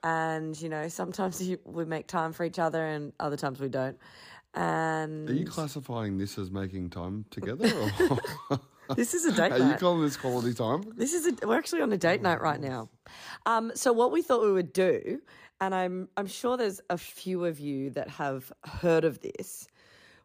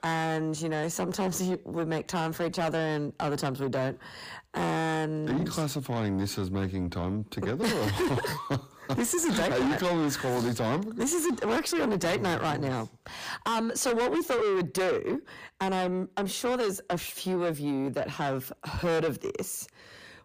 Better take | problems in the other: first | distortion; heavy; 6 dB below the speech

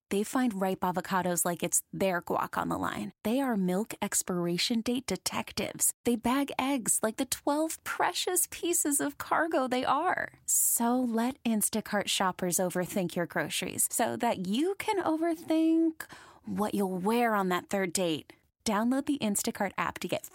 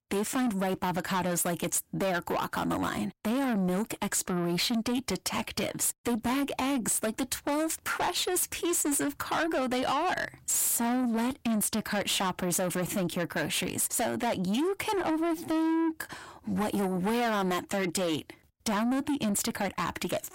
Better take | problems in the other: first | distortion; heavy; 8 dB below the speech

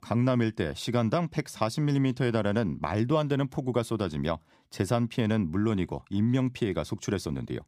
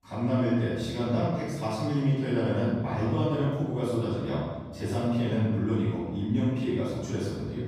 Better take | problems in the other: first | off-mic speech; far // room echo; strong; dies away in 1.4 s

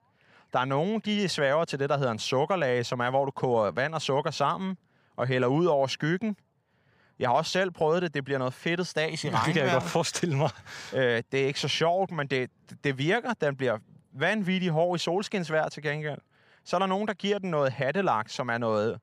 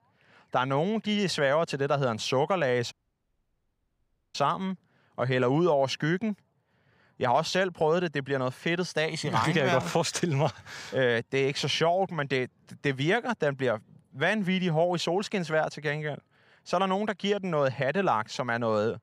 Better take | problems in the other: first | audio cutting out; at 3 s for 1.5 s

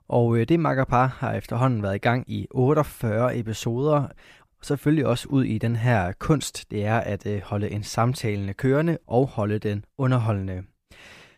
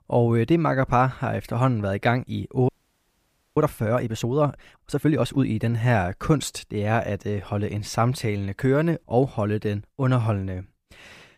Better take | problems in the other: first | audio freezing; at 2.5 s for 1 s

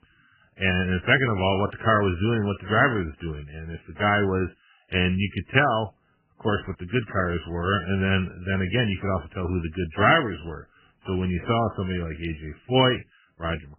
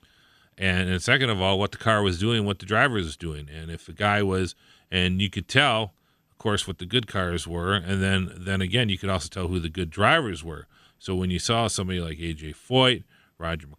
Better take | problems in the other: second | garbled, watery; badly; nothing above 3 kHz

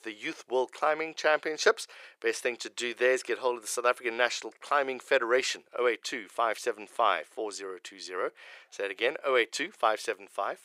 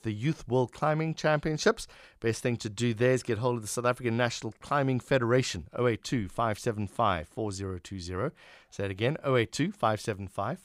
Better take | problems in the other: second | thin; very; fading below 400 Hz

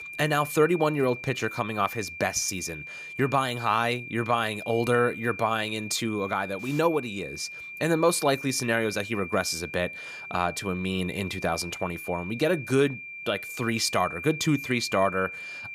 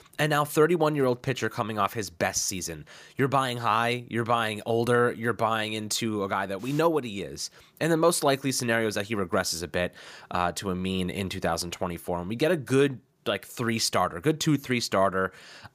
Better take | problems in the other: second | high-pitched whine; noticeable; throughout; 2.5 kHz, 10 dB below the speech

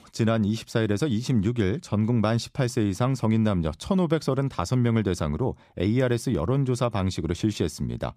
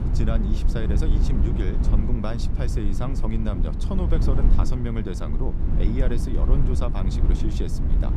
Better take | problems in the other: first | low rumble; loud; throughout; 4 dB below the speech

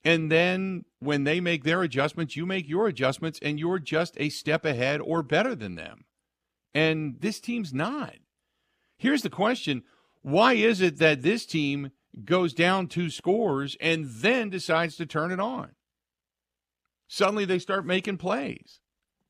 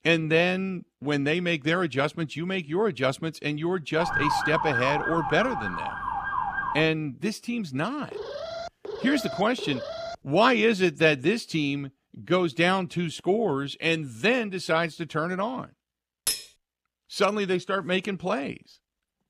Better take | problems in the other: first | siren; loud; from 4 to 7 s; peak 1 dB above the speech // alarm; noticeable; from 8 to 10 s; peak 9 dB below the speech // clattering dishes; noticeable; at 16 s; peak 2 dB below the speech

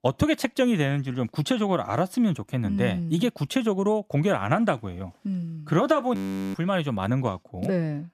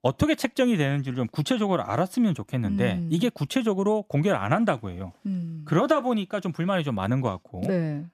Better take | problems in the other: second | audio freezing; at 6 s

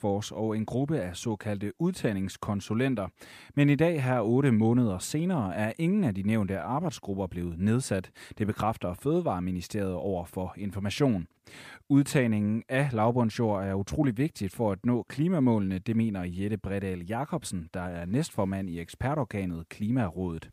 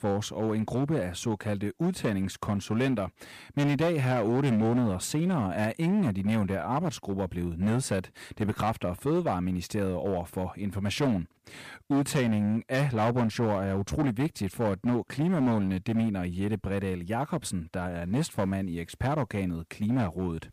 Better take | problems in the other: first | distortion; slight; 10% of the sound clipped

